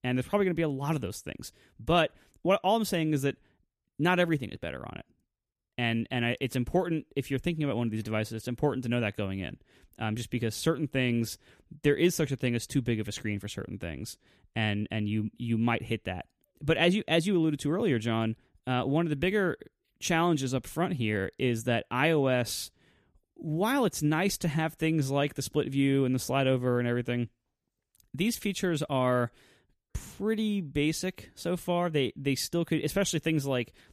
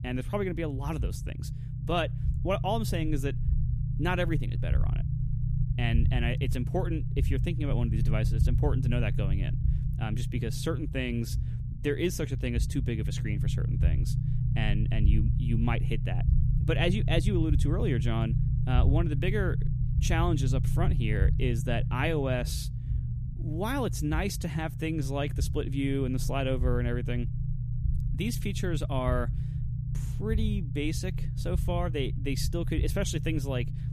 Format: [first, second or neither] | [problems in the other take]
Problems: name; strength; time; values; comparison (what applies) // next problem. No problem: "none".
first | low rumble; loud; throughout; 9 dB below the speech